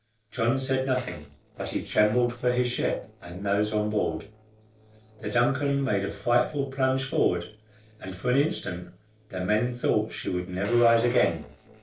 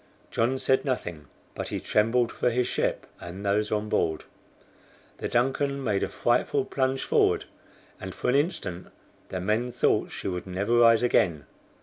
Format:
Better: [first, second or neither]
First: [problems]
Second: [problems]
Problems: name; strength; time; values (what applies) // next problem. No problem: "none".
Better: second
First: noise reduction (neural separator model SepFormer DNS4)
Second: none